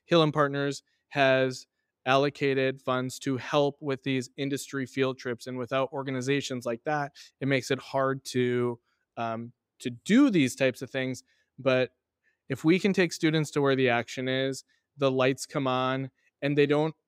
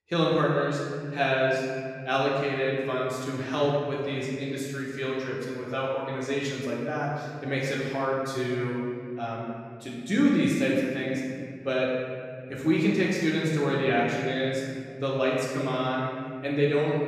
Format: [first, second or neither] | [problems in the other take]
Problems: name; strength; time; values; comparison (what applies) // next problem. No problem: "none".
first | off-mic speech; far // room echo; noticeable; dies away in 2.2 s